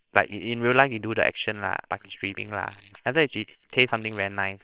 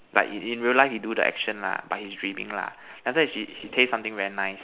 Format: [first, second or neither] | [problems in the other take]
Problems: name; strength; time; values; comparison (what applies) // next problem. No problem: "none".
second | noise reduction (neural separator model SepFormer WHAMR!)